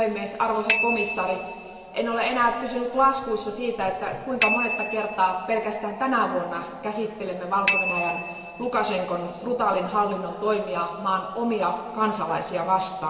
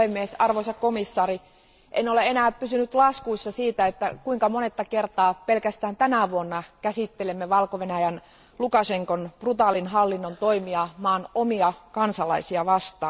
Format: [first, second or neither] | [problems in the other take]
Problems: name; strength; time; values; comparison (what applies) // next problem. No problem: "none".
second | background sound (Bicycle bell); 6 dB below the speech // room echo; dies away in 2.6 s